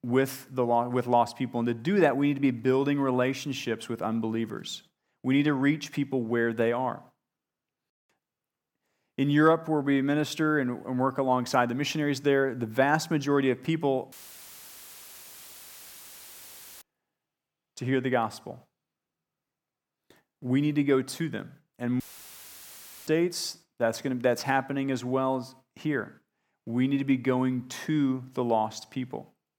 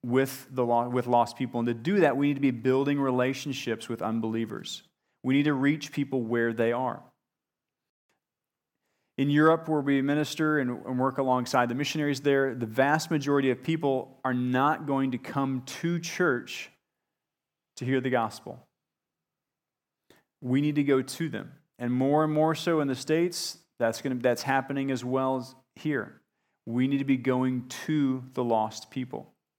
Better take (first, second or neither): second